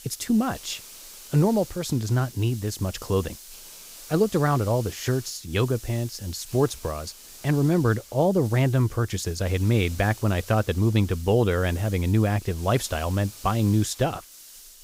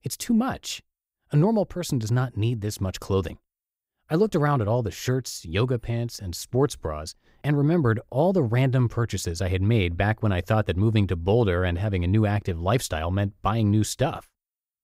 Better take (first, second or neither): second